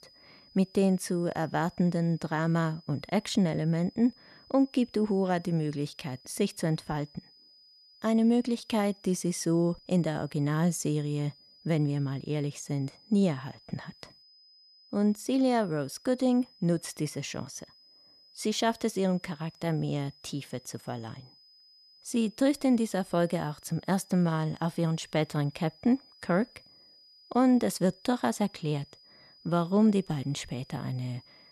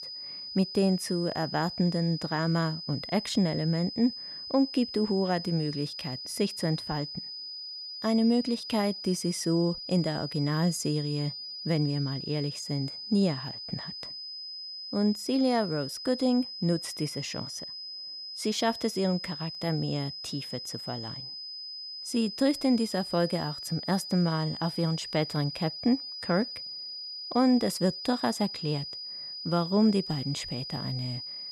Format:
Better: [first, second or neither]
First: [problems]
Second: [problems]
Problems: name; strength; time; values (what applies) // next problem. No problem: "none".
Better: first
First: high-pitched whine; faint; throughout; 5 kHz, 25 dB below the speech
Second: high-pitched whine; loud; throughout; 5 kHz, 8 dB below the speech